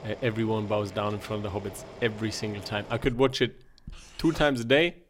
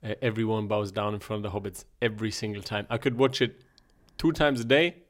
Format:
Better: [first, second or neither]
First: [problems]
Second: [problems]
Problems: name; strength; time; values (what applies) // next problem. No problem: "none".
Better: second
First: household noises; noticeable; throughout; 15 dB below the speech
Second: none